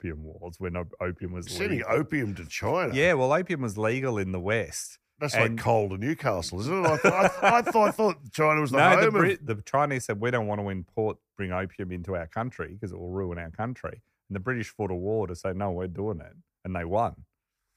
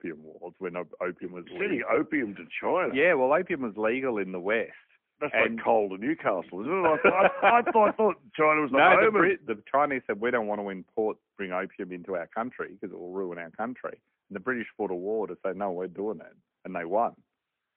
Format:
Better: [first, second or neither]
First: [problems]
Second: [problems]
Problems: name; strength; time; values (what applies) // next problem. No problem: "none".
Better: first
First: none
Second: phone-call audio; poor line; nothing above 3 kHz